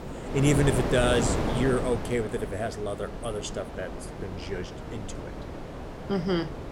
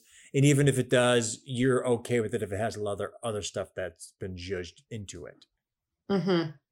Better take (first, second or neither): second